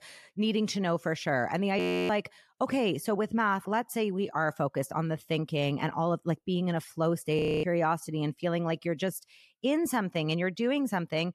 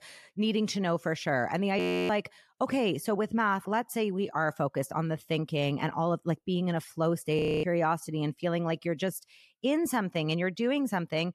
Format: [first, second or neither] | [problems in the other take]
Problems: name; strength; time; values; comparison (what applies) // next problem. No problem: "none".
neither | audio freezing; at 2 s and at 7.5 s; the same in both